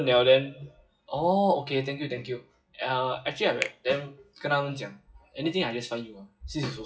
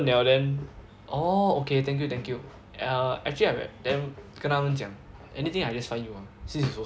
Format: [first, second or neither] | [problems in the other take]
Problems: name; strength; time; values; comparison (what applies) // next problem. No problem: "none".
second | noise reduction (classical method WPE with log-MMSE)